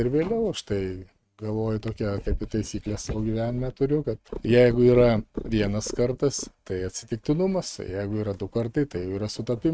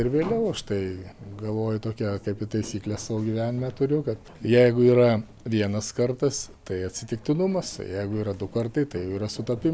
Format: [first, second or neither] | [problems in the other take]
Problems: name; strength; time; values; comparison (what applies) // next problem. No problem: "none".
second | noise reduction (neural mask model RNNoise)